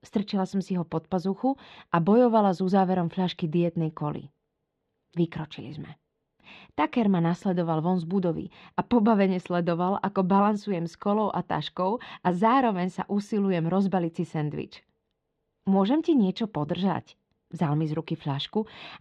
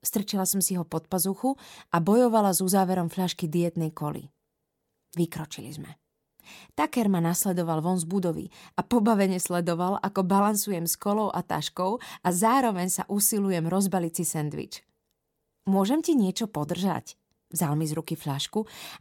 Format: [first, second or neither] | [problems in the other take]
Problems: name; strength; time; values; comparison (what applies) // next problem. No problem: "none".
second | muffled; very; fading above 3.5 kHz